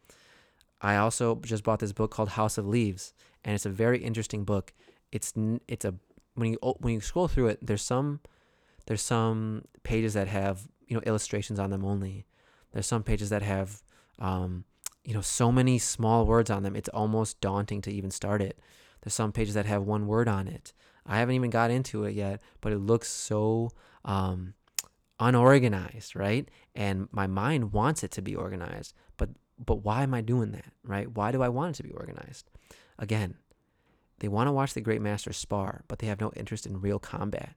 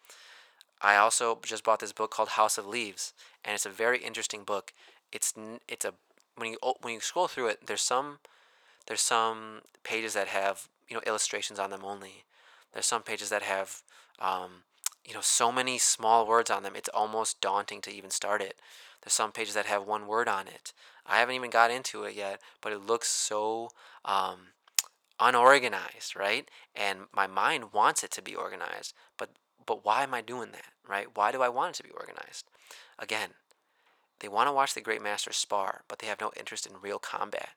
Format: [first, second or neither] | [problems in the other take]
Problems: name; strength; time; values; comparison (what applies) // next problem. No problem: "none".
first | thin; very; fading below 850 Hz